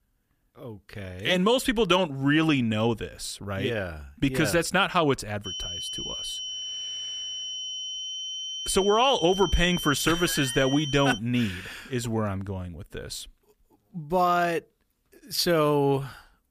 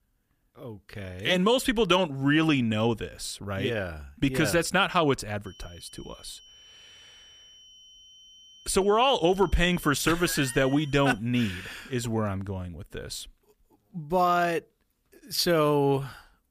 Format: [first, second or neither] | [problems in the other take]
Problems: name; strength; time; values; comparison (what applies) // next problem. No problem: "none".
second | high-pitched whine; loud; from 5.5 to 11 s; 3 kHz, 7 dB below the speech; faint in the second